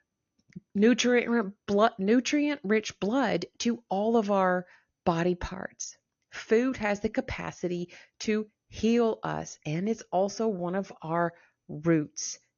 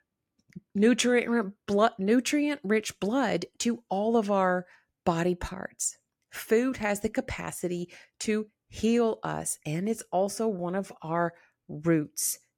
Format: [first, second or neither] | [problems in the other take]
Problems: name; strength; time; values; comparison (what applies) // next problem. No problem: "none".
second | garbled, watery; slightly; nothing above 6.5 kHz